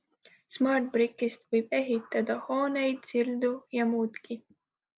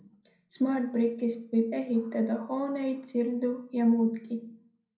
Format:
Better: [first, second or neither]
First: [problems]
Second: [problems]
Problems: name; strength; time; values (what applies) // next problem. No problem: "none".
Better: first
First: none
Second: room echo; dies away in 0.6 s